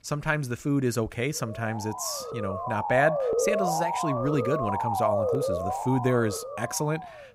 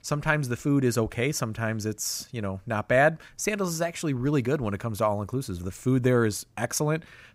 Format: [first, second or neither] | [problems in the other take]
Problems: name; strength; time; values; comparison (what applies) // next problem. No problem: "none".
second | siren; loud; from 1.5 s on; peak 3 dB above the speech